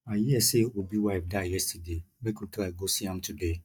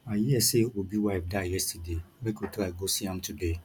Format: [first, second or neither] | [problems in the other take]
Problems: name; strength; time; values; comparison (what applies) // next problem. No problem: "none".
second | noise reduction (neural mask model DeepFilterNet 3)